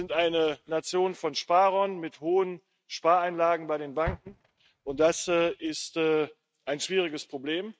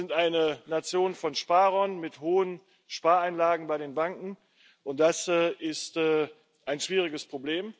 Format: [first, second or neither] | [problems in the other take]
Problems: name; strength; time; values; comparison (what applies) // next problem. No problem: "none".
second | noise reduction (neural mask model RNNoise)